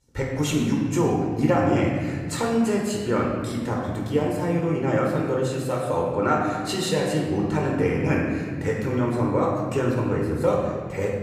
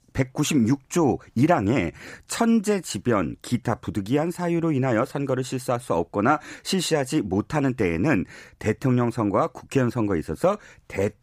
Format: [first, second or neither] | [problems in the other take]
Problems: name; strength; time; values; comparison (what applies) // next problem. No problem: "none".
second | room echo; noticeable; dies away in 1.7 s // off-mic speech; somewhat distant